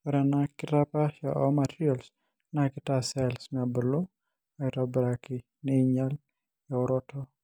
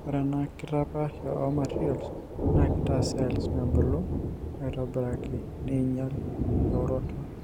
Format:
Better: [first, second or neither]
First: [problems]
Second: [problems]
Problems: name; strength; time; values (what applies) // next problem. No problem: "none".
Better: first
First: none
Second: background sound (Thunder); 1 dB above the speech